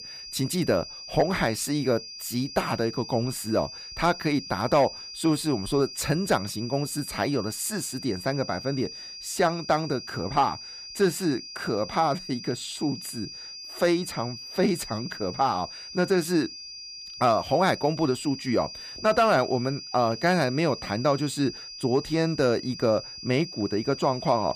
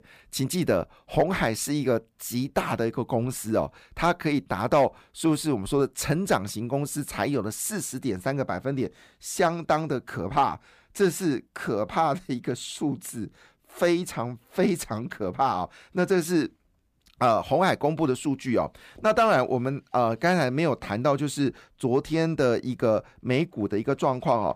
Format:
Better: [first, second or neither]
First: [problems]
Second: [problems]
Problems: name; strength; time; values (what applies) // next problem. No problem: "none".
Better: second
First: high-pitched whine; noticeable; throughout; 5 kHz, 10 dB below the speech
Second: none